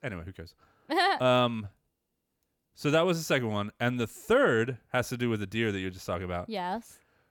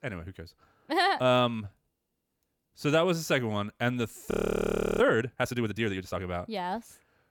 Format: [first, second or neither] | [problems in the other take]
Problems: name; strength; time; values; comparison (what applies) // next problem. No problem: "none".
first | audio freezing; at 4.5 s for 0.5 s